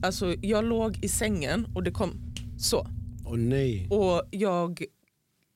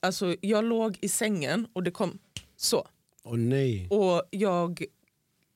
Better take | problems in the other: second | low rumble; faint; until 4 s; 25 dB below the speech

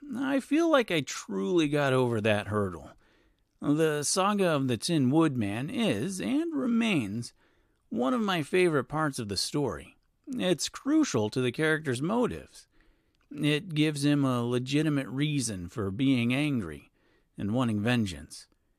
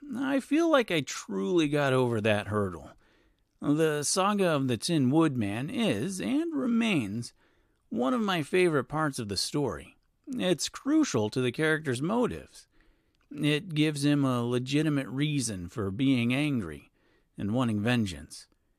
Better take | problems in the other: neither | none

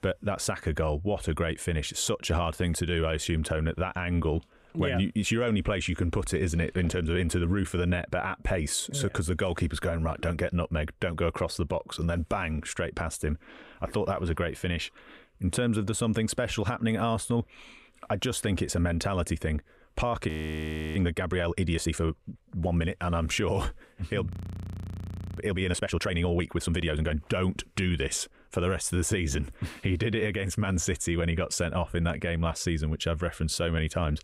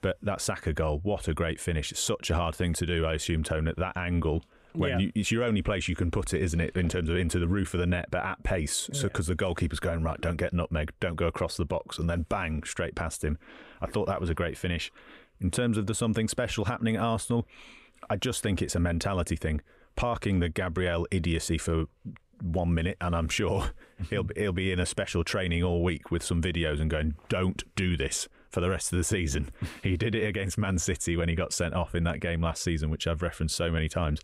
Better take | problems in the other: second | audio freezing; at 20 s for 0.5 s and at 24 s for 1 s

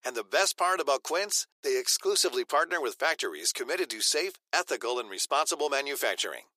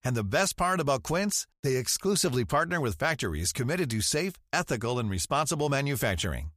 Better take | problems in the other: second | thin; very; fading below 350 Hz

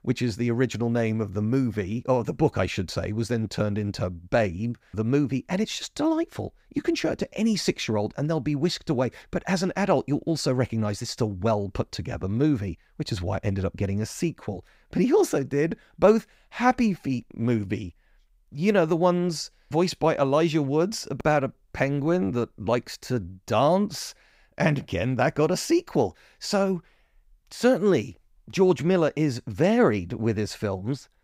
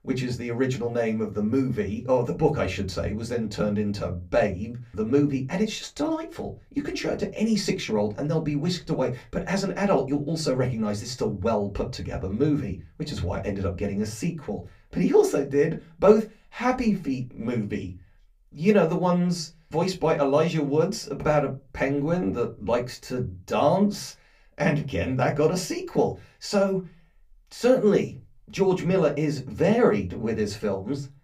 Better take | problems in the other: first | off-mic speech; somewhat distant // room echo; very slight; dies away in 0.2 s

